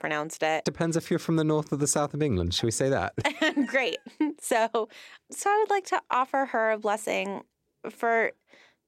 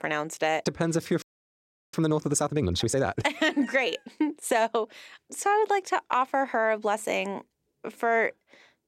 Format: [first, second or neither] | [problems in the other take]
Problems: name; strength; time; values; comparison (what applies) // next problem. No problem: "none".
first | audio freezing; at 1 s for 0.5 s